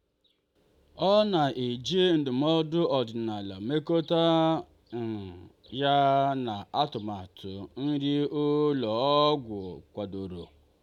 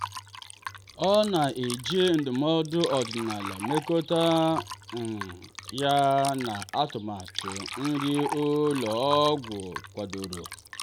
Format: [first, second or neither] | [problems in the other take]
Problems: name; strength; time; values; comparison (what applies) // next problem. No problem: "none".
first | background sound (Fill (with liquid)); 11 dB below the speech